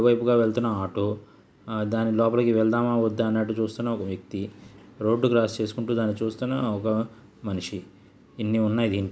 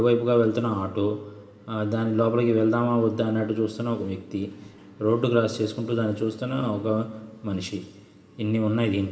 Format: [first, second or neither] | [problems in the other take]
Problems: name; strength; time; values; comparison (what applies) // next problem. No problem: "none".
first | room echo; dies away in 1.7 s